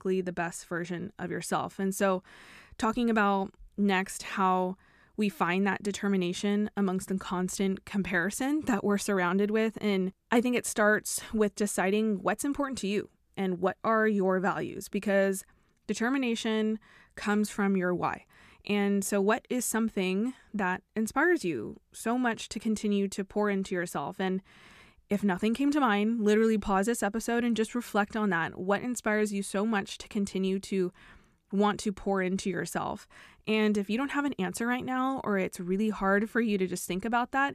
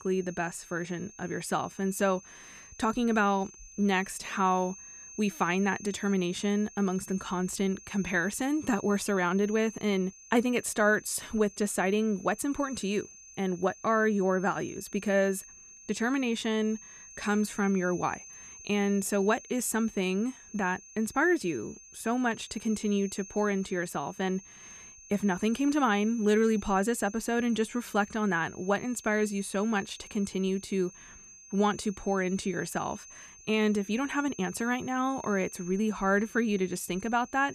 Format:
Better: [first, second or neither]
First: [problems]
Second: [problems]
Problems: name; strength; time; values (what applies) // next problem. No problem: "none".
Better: first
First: none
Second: high-pitched whine; noticeable; throughout; 6.5 kHz, 20 dB below the speech